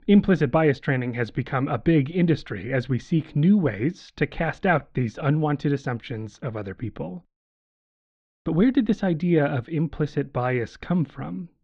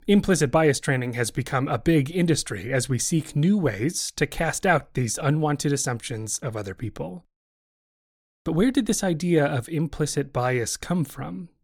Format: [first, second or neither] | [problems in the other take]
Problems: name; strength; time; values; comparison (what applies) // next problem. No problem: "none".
second | muffled; very; fading above 3.5 kHz